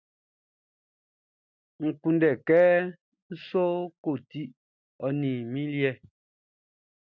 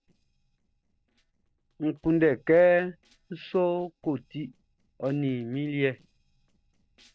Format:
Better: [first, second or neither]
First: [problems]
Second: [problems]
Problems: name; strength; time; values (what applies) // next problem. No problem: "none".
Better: first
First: none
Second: noise reduction (neural separator model SepFormer DNS4)